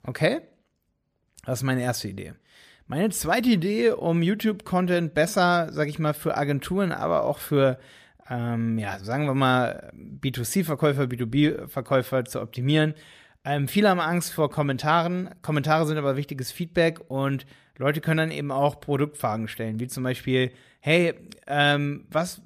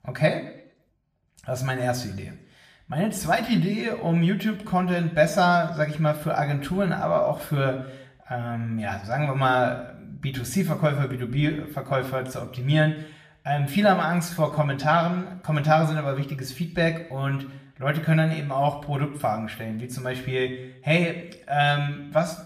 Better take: first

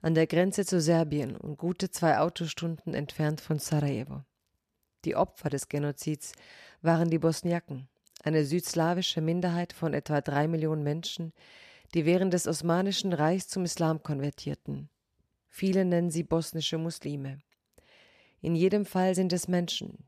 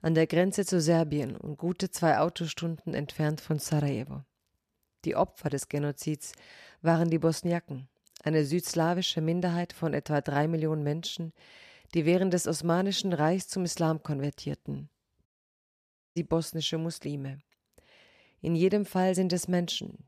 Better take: first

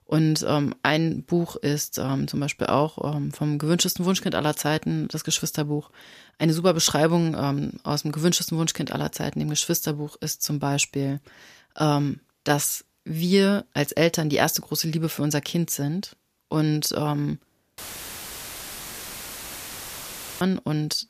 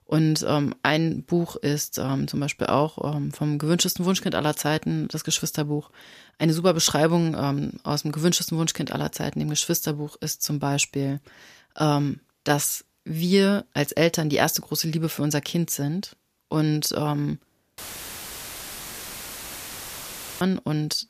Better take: neither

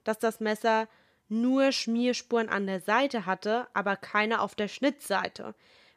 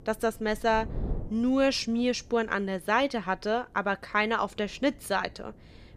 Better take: first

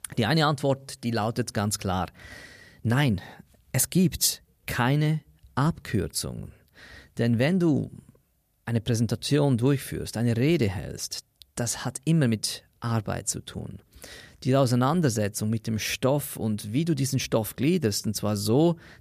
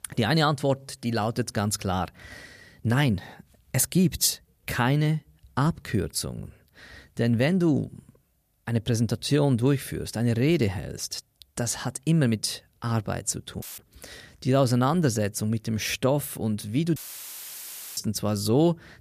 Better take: first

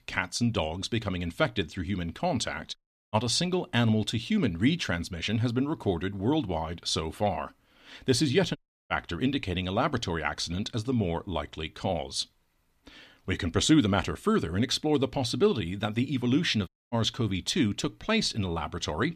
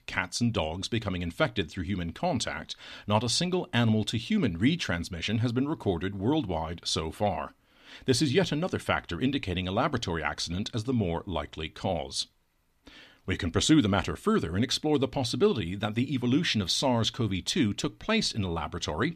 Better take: second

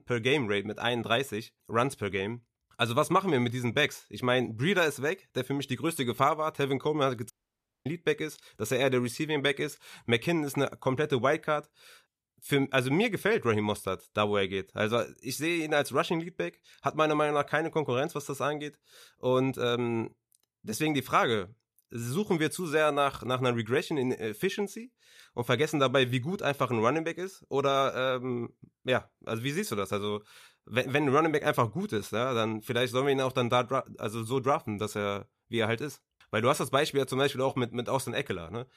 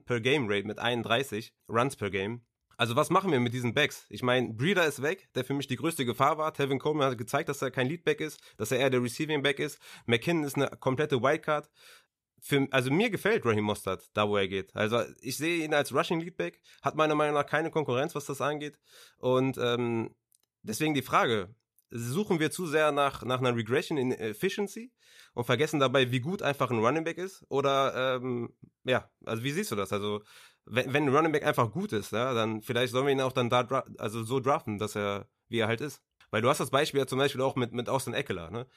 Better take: second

